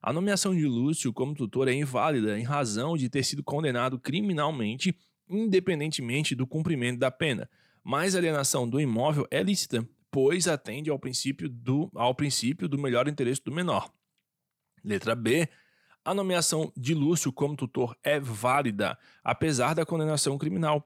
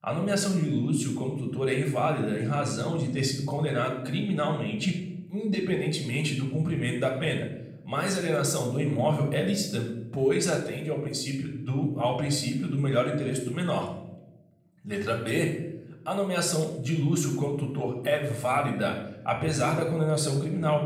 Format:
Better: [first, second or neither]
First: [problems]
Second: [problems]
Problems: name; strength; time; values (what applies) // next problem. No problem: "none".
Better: first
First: none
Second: room echo; noticeable; dies away in 0.7 s // off-mic speech; somewhat distant